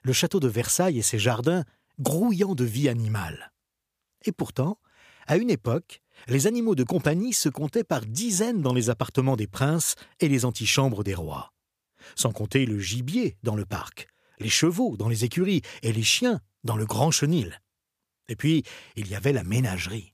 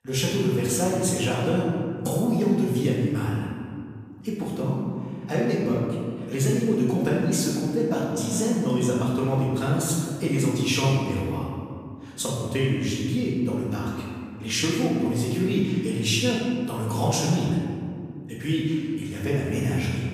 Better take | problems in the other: first | room echo; strong; dies away in 2.1 s // off-mic speech; far

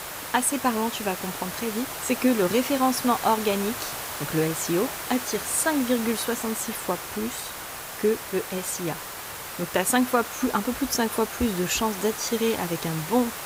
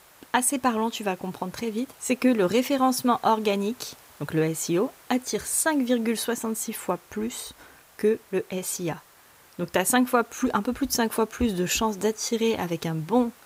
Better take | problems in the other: second | hiss; loud; throughout; 7 dB below the speech; faint in the second

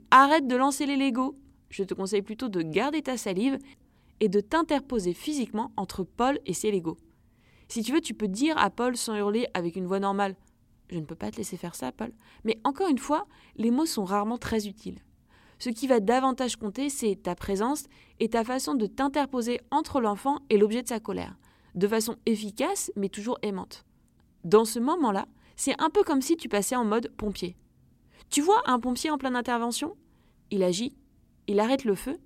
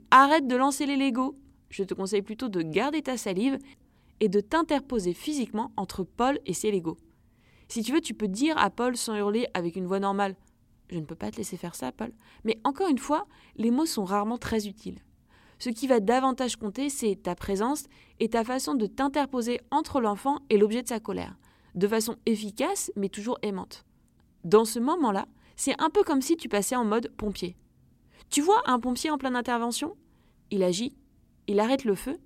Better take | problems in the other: neither | none

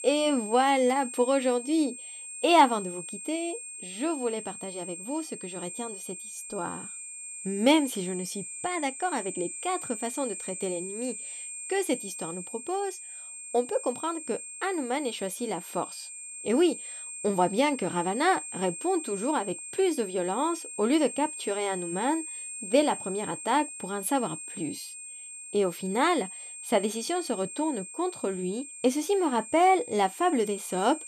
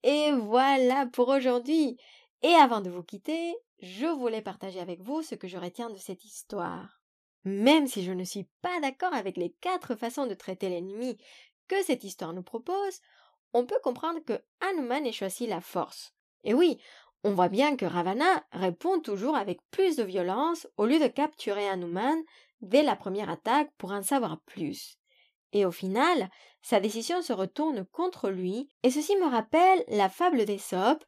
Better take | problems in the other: second | high-pitched whine; loud; throughout; 8.5 kHz, 9 dB below the speech

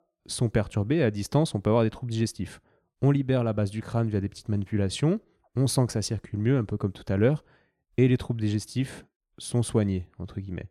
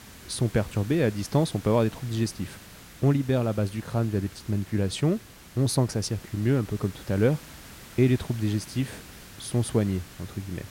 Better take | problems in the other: first | hiss; noticeable; throughout; 20 dB below the speech

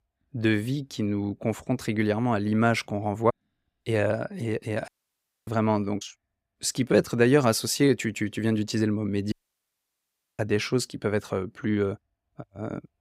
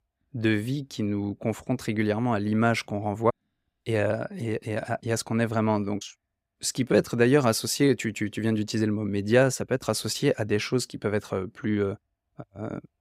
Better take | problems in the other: second | audio cutting out; at 5 s for 0.5 s and at 9.5 s for 1 s

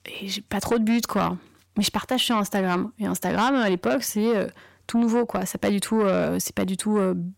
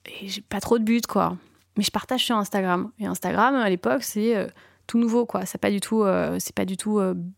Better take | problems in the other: second | distortion; slight; 10 dB below the speech

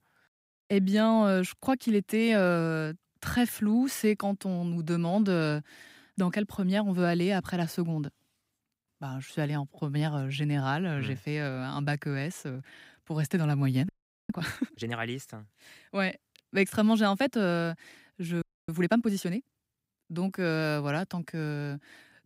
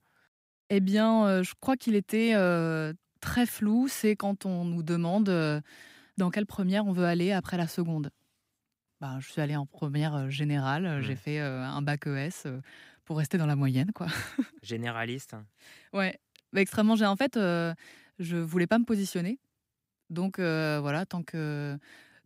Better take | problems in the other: second | audio freezing; at 14 s and at 18 s

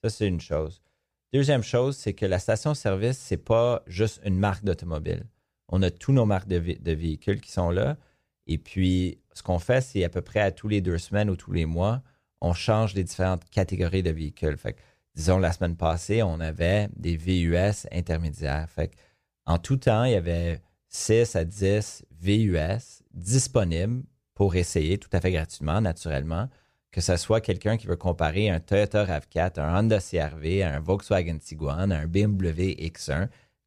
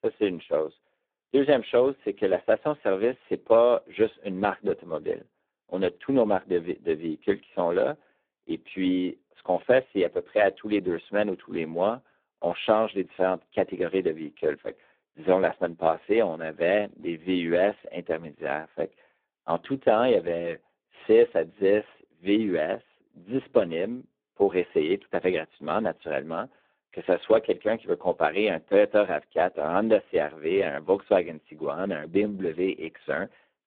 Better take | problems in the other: first | phone-call audio; poor line

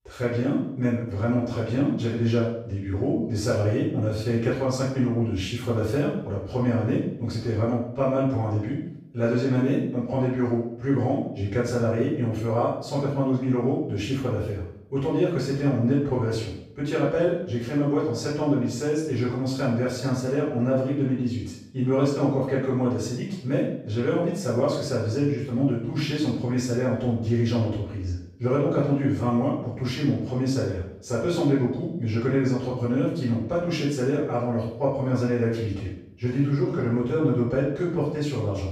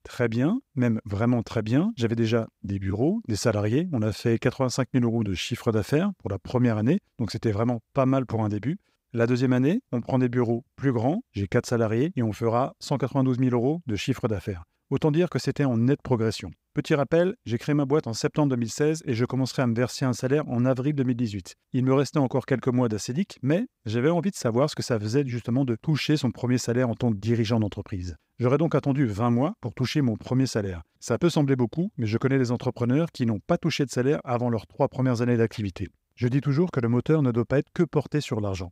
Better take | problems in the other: second | off-mic speech; far // room echo; noticeable; dies away in 0.6 s

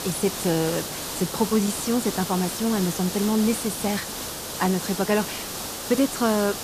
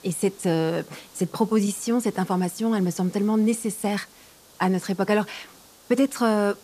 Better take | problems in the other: second | hiss; loud; throughout; 5 dB below the speech; faint in the second

